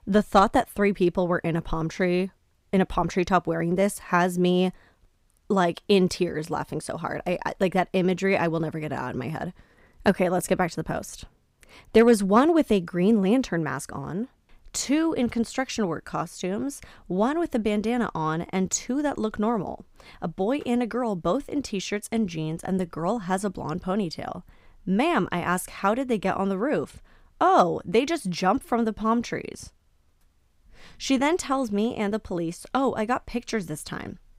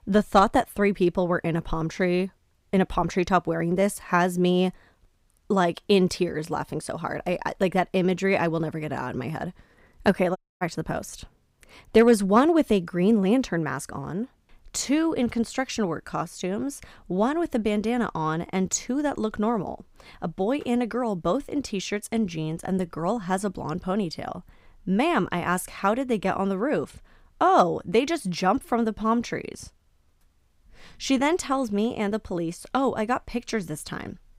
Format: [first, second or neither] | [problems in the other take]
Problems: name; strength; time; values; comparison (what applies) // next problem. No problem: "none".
first | audio cutting out; at 10 s